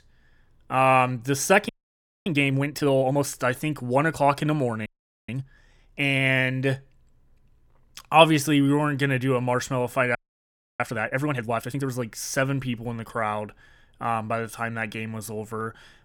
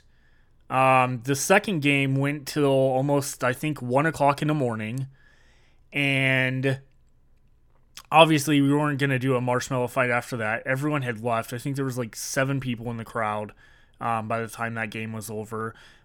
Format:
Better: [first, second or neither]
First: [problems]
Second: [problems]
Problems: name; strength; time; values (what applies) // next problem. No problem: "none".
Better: second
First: audio freezing; at 1.5 s for 0.5 s, at 5 s and at 10 s for 0.5 s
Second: none